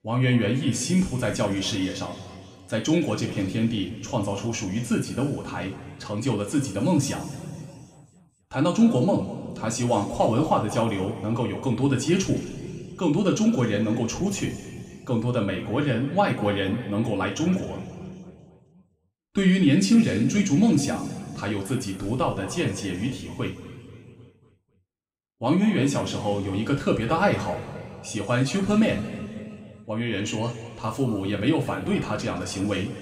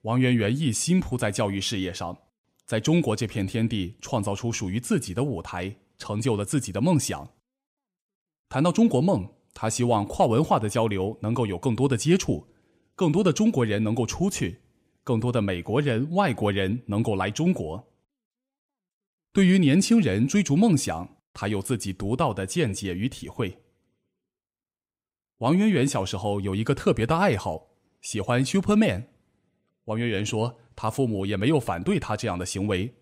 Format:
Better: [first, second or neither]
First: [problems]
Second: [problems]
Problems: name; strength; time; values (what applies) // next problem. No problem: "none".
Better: second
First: room echo; noticeable; dies away in 2.1 s // off-mic speech; somewhat distant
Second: none